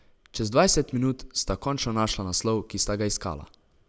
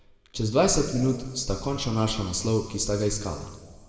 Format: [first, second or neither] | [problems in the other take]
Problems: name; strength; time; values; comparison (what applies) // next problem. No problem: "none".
first | room echo; dies away in 1.5 s